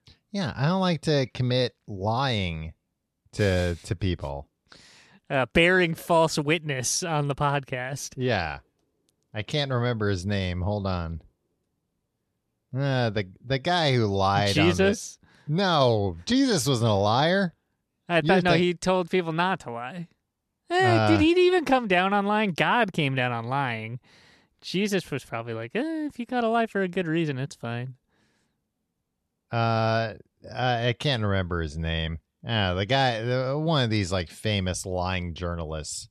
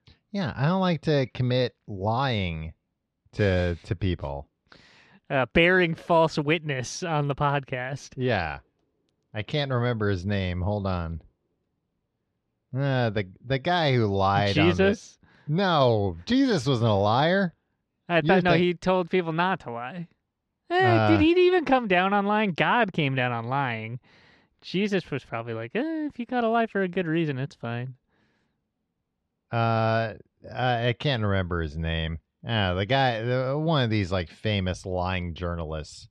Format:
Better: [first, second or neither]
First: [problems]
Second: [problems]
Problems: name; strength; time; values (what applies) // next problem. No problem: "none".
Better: first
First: none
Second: muffled; very slightly; fading above 3.5 kHz